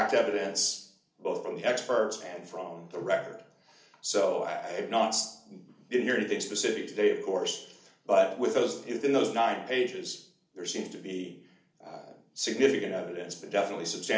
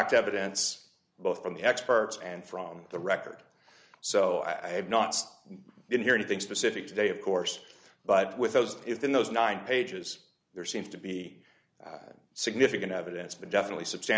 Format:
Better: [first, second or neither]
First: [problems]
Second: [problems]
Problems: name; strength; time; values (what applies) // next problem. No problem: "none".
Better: second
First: room echo; dies away in 0.4 s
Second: none